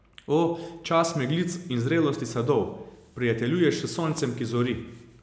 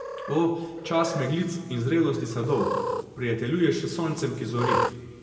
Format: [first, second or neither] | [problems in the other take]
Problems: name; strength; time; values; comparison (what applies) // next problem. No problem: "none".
first | background sound (Cat); 6 dB below the speech // room echo; dies away in 1.5 s